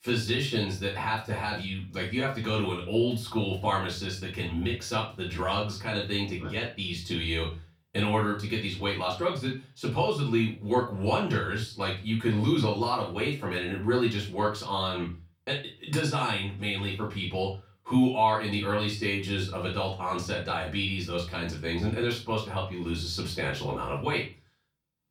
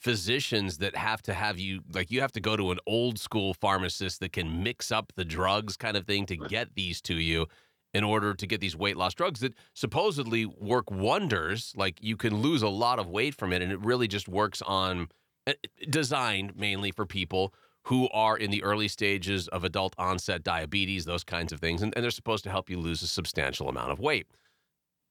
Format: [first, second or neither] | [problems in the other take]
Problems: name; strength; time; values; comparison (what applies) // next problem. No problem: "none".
second | off-mic speech; far // room echo; slight; dies away in 0.3 s